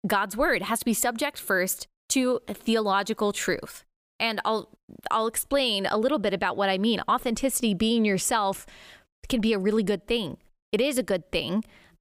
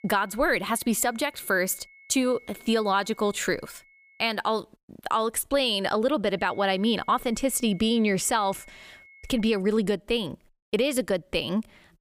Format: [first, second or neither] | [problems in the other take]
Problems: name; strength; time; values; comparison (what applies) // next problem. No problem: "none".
first | high-pitched whine; faint; until 4 s and from 6.5 to 9.5 s; 2 kHz, 25 dB below the speech